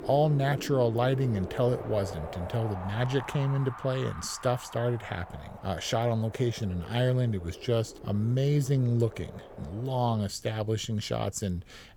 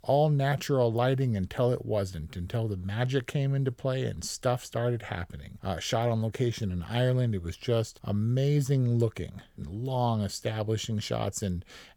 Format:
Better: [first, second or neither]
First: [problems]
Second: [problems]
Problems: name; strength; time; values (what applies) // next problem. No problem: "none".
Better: second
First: wind in the background; noticeable; throughout; 15 dB below the speech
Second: none